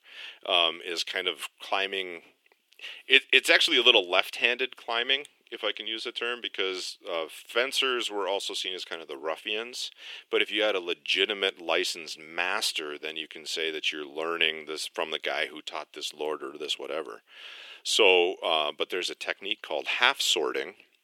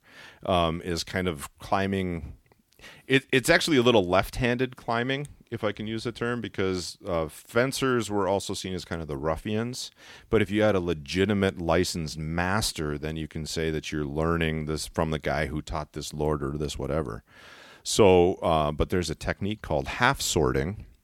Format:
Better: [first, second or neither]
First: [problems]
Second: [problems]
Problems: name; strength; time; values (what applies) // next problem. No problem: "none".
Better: second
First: thin; very; fading below 350 Hz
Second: none